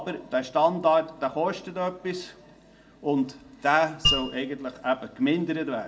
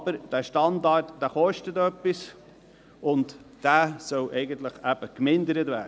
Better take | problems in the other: second | background sound (Mallet percussion); 1 dB below the speech // room echo; dies away in 0.3 s

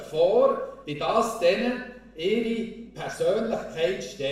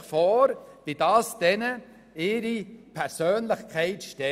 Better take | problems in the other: second | room echo; dies away in 0.7 s

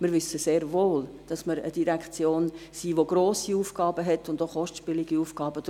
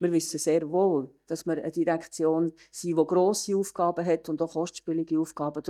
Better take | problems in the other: first | noise reduction (neural mask model DeepFilterNet 3)

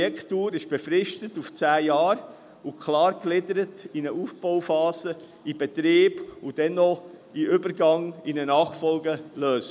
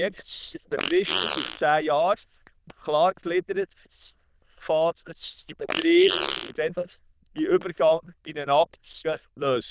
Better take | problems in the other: first | noise reduction (neural diffusion model UNIVERSE++)

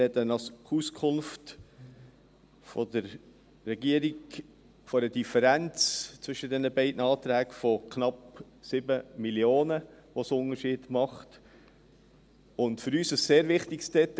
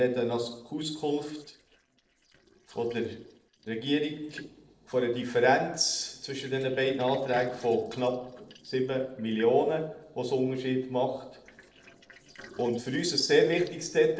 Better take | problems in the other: first | noise reduction (neural separator model SepFormer DNS4)

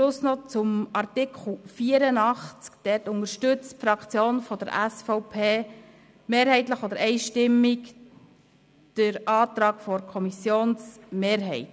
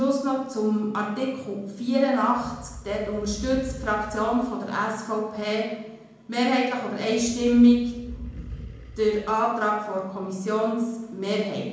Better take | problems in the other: first | background sound (Animal); 14 dB below the speech // room echo; dies away in 0.9 s

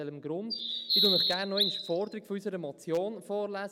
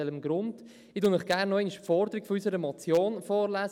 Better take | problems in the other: second | background sound (Bird vocalization, bird call, bird song); 4 dB above the speech

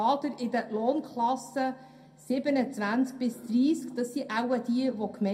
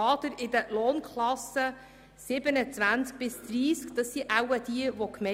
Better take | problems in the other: second | room echo; dies away in 0.2 s

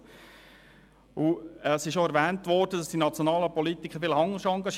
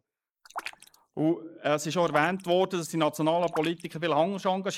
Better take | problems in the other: first | noise reduction (neural mask model Resemble Enhance denoiser)

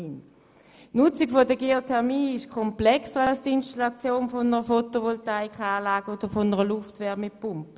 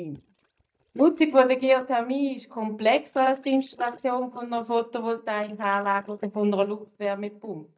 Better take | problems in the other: first | noise reduction (neural mask model DeepFilterNet 3)

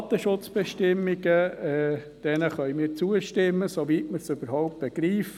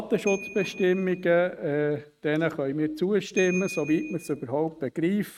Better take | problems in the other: first | noise reduction (neural mask model RNNoise)

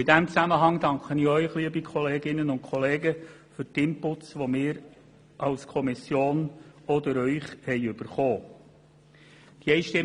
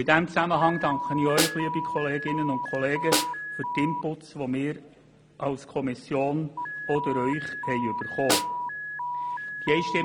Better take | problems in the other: first | background sound (Alarm + Snare drum); 4 dB below the speech

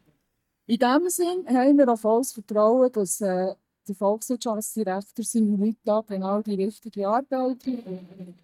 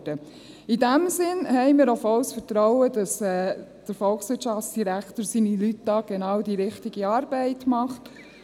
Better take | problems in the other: second | noise reduction (neural mask model DeepFilterNet 3)

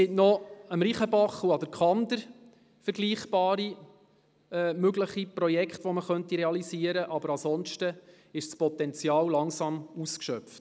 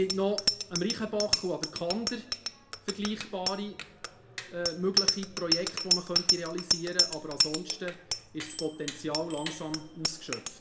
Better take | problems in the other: first | background sound (Bicycle bell); 2 dB above the speech // room echo; dies away in 0.5 s

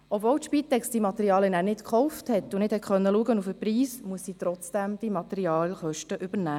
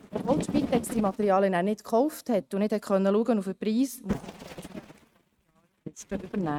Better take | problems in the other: first | noise reduction (neural mask model RNNoise)

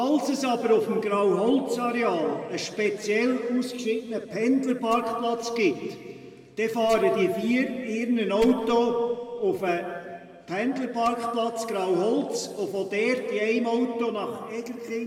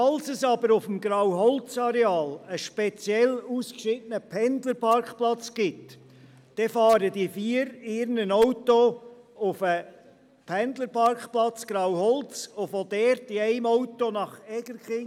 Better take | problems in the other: second | room echo; dies away in 1.7 s

